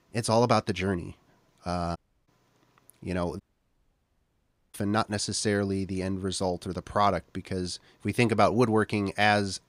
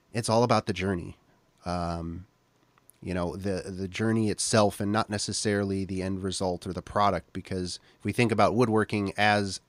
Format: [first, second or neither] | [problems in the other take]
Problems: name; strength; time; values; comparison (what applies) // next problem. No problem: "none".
second | audio cutting out; at 2 s and at 3.5 s for 1.5 s